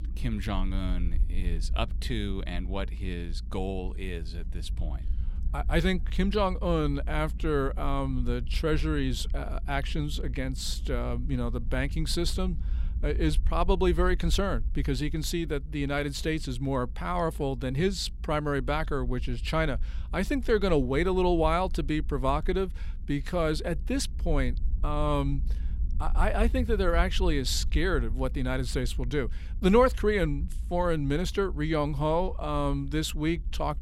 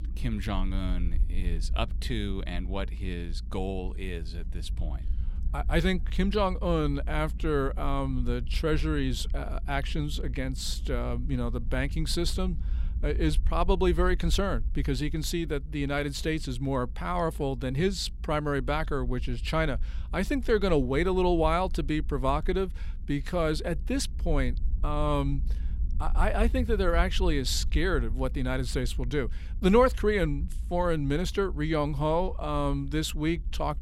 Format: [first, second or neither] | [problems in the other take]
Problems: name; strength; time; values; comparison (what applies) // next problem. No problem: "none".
neither | low rumble; faint; throughout; 25 dB below the speech; the same in both